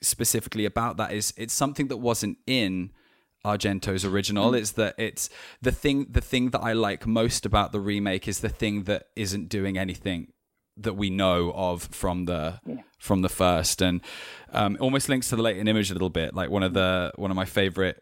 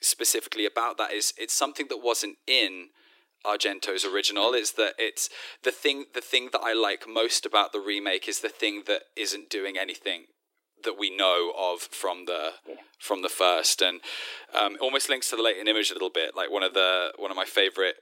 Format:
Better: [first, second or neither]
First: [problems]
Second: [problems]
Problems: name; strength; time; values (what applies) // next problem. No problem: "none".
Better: first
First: none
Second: thin; very; fading below 300 Hz